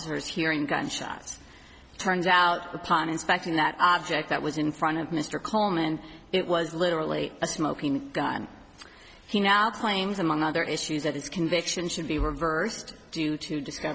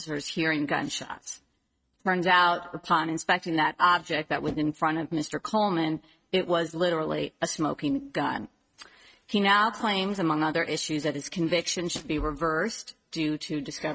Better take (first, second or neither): first